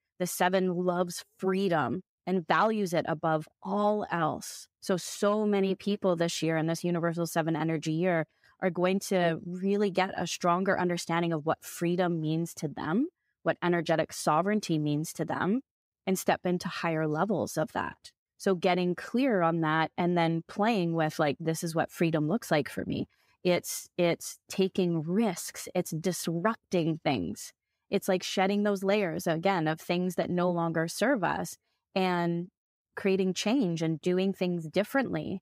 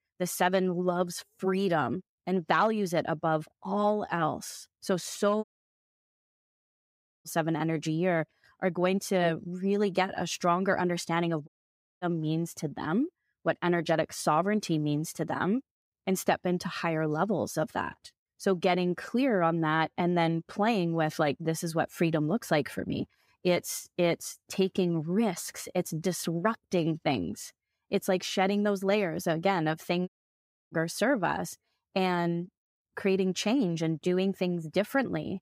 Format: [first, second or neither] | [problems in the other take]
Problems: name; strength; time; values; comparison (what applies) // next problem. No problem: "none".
first | audio cutting out; at 5.5 s for 2 s, at 11 s for 0.5 s and at 30 s for 0.5 s